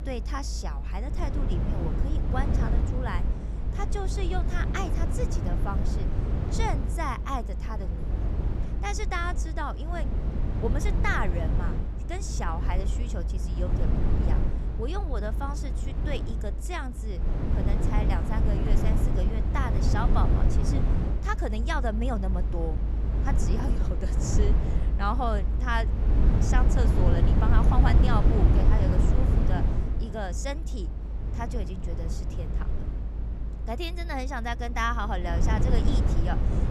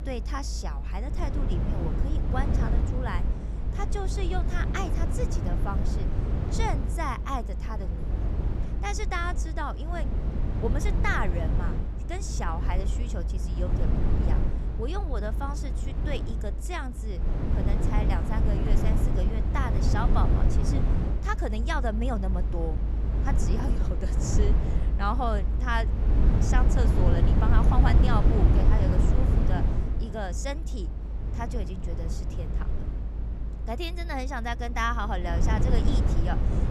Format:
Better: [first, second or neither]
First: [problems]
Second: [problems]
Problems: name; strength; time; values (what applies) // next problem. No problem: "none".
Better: neither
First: low rumble; loud; throughout; 5 dB below the speech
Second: low rumble; loud; throughout; 5 dB below the speech